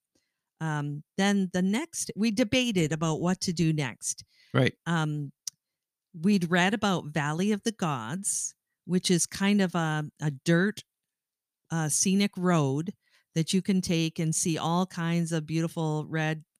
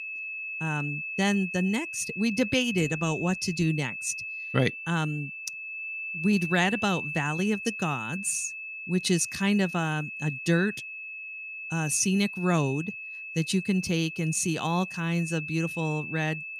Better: first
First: none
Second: high-pitched whine; loud; throughout; 2.5 kHz, 7 dB below the speech

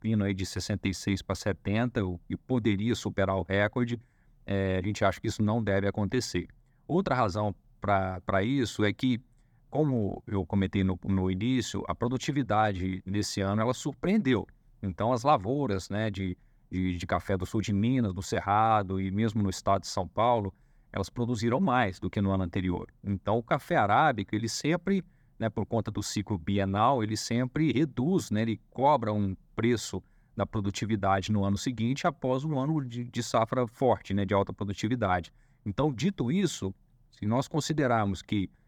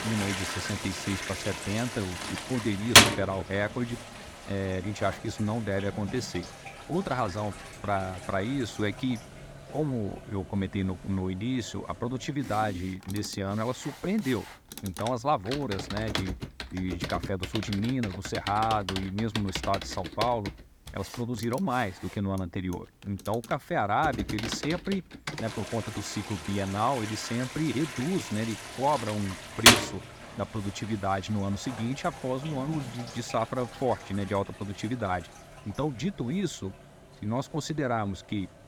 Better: first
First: none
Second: household noises; very loud; throughout; 2 dB above the speech

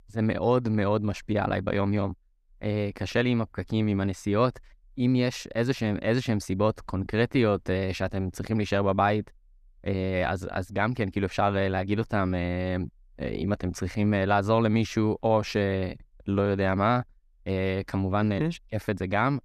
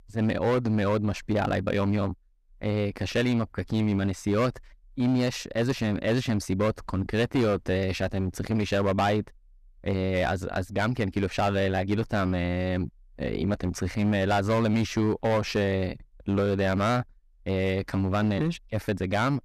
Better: first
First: none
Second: distortion; slight; 8% of the sound clipped

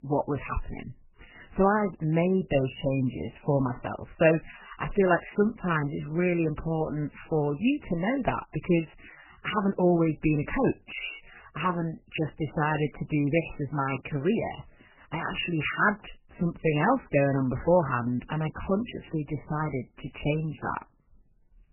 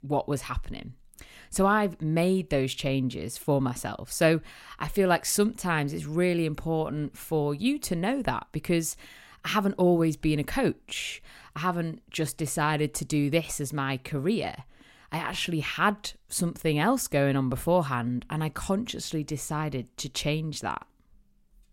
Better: second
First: garbled, watery; badly; nothing above 3 kHz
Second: none

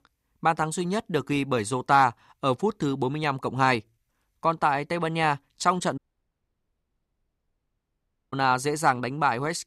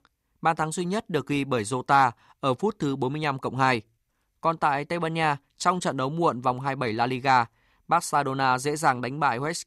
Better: second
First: audio cutting out; at 6 s for 2.5 s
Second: none

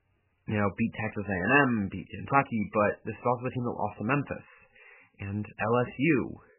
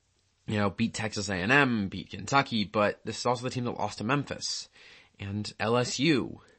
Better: second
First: garbled, watery; badly; nothing above 2.5 kHz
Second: garbled, watery; slightly; nothing above 8 kHz

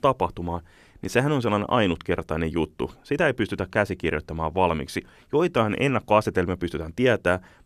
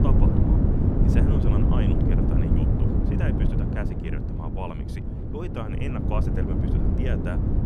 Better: first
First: none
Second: wind noise on the microphone; heavy; 4 dB above the speech

